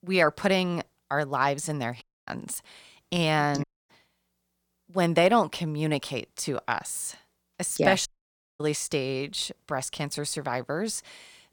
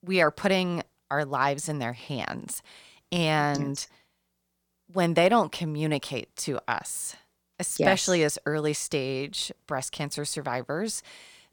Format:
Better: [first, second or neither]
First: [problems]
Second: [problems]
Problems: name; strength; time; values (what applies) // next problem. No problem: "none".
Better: second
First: audio cutting out; at 2 s, at 3.5 s and at 8 s for 0.5 s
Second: none